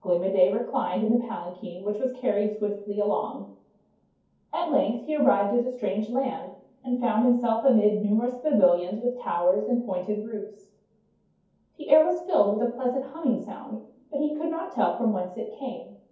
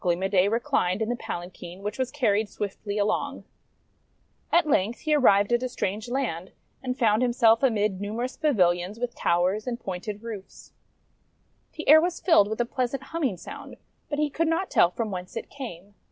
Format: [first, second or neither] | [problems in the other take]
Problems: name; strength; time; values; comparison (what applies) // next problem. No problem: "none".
second | room echo; dies away in 0.6 s